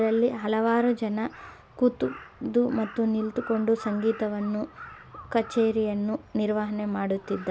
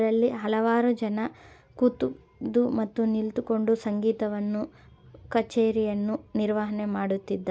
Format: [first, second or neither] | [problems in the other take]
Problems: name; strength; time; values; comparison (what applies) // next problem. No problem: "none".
second | background sound (Crow); 19 dB below the speech